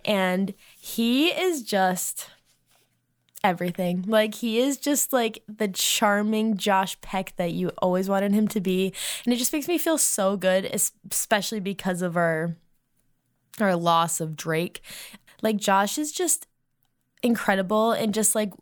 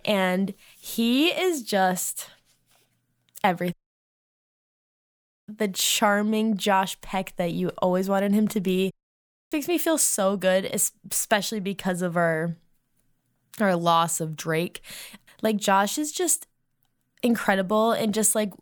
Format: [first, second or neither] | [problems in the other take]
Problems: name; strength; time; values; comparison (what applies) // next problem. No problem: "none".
first | audio cutting out; at 3.5 s for 2 s and at 9 s for 0.5 s